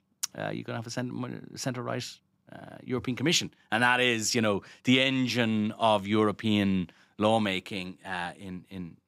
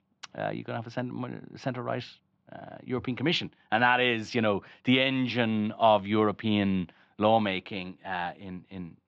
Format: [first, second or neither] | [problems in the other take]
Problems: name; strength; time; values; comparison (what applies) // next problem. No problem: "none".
first | muffled; slightly; fading above 4 kHz